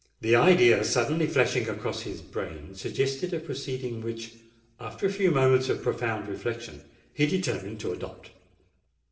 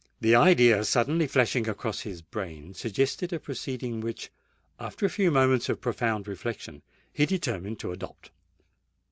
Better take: second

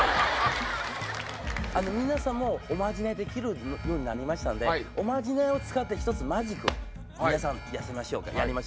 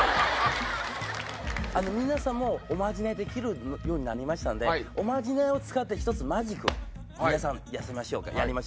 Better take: second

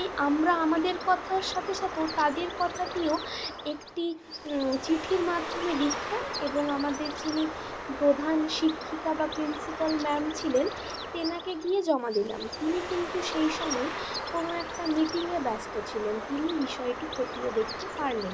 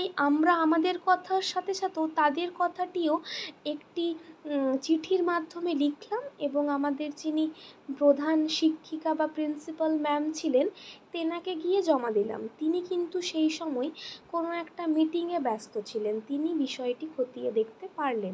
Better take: second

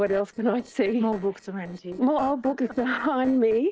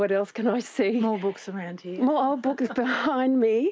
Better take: second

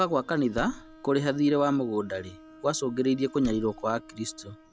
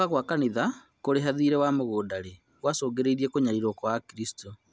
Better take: second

